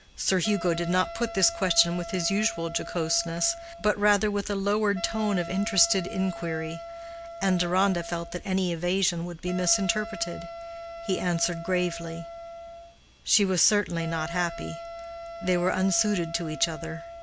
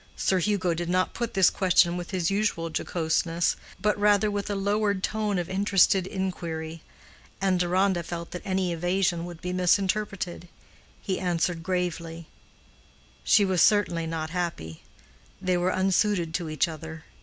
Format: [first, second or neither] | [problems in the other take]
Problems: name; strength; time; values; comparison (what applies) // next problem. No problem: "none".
second | background sound (Wind instrument, woodwind instrument); 12 dB below the speech